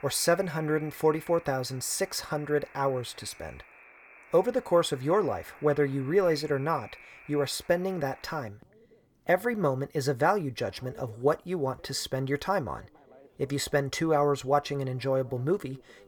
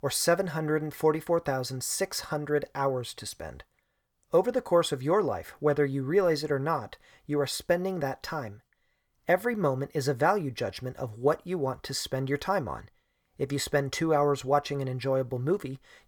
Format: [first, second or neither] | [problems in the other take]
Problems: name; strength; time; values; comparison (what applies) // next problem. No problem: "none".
second | alarms or sirens; faint; throughout; 25 dB below the speech